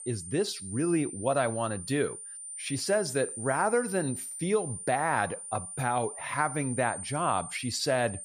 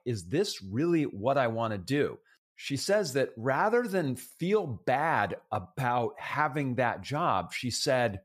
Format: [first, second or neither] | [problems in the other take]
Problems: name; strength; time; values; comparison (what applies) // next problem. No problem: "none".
second | high-pitched whine; loud; throughout; 9 kHz, 8 dB below the speech